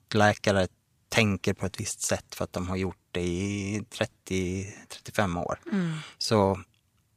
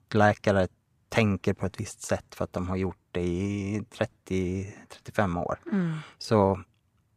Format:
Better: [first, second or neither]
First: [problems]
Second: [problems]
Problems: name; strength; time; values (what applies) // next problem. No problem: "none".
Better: first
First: none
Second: muffled; slightly; fading above 2.5 kHz